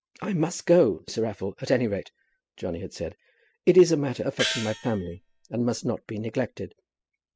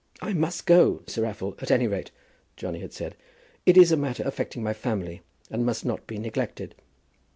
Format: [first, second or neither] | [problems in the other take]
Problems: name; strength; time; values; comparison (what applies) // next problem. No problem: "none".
second | noise reduction (classical method spectral subtraction)